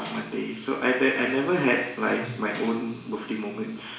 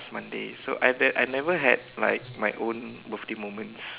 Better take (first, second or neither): second